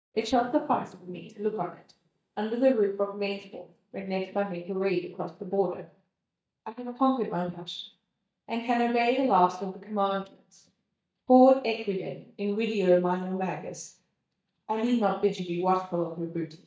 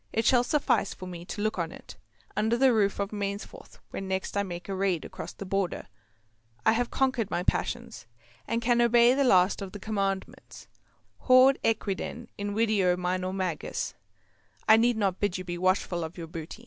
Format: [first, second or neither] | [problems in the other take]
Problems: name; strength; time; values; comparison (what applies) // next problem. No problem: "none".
second | noise reduction (neural mask model DeepFilterNet 3)